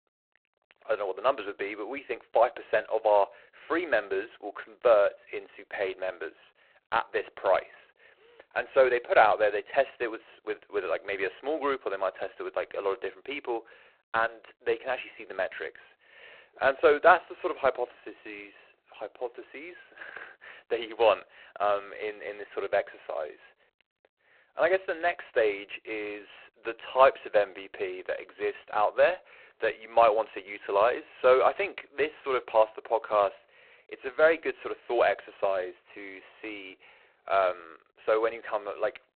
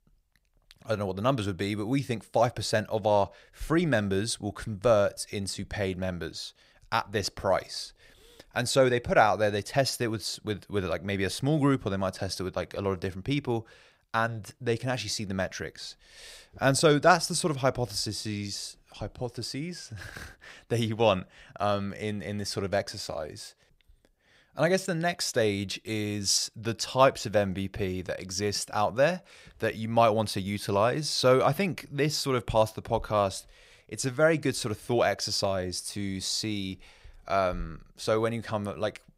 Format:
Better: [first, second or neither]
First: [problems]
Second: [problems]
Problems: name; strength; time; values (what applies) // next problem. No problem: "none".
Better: second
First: phone-call audio; poor line; nothing above 4 kHz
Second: none